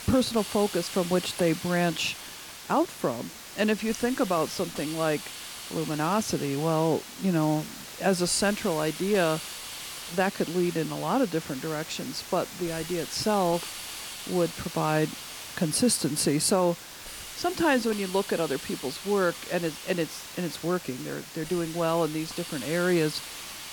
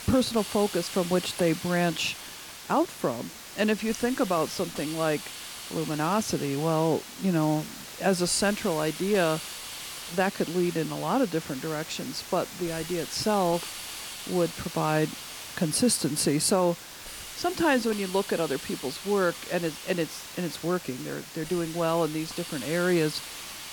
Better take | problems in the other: neither | hiss; loud; throughout; 10 dB below the speech; the same in both

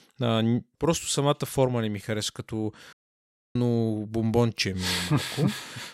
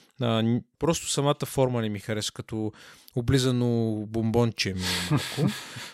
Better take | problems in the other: second | audio cutting out; at 3 s for 0.5 s

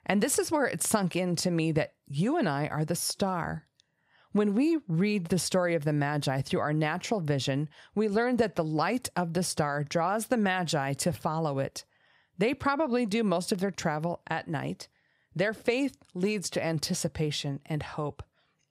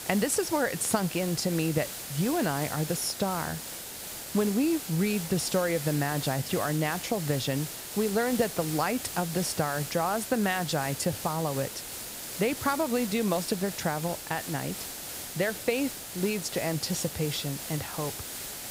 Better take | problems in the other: first | hiss; loud; throughout; 7 dB below the speech

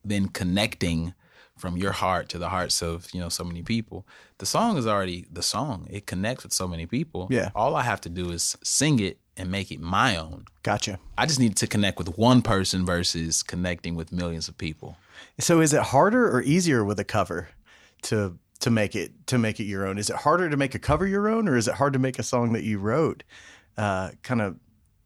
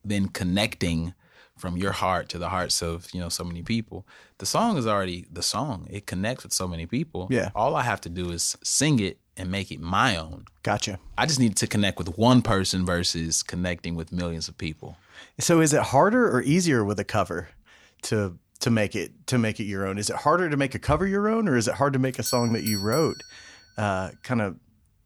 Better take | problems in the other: first | doorbell; noticeable; from 22 to 23 s; peak 5 dB below the speech

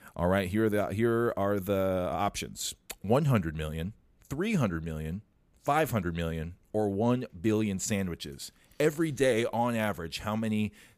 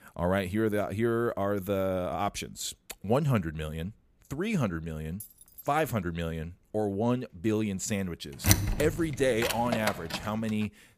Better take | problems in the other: first | jangling keys; faint; at 5 s; peak 15 dB below the speech // door banging; loud; from 8.5 to 10 s; peak 6 dB above the speech

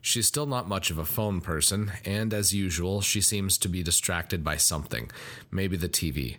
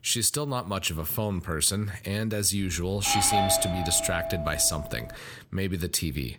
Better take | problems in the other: first | doorbell; loud; from 3 to 5 s; peak 1 dB above the speech

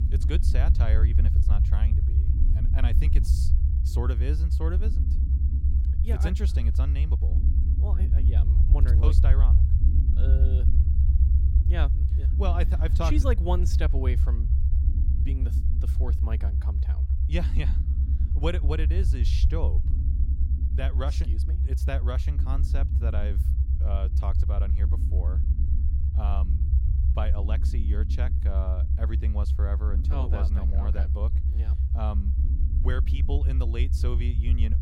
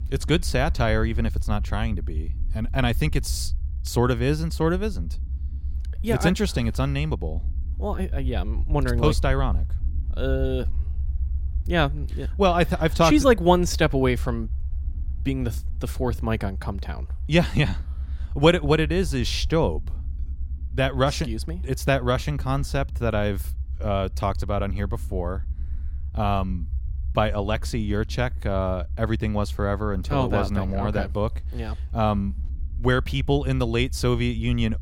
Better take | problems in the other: second | low rumble; loud; throughout; 4 dB below the speech; faint in the second

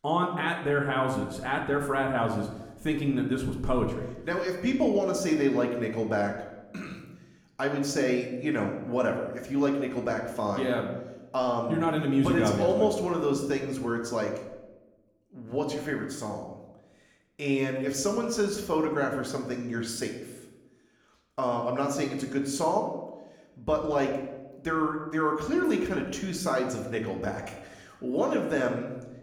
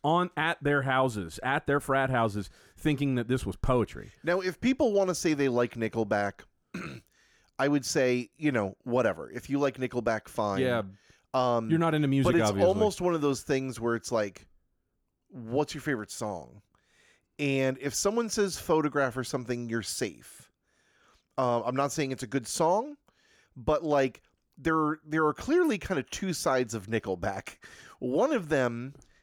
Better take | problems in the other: second | room echo; slight; dies away in 0.8 s // off-mic speech; somewhat distant

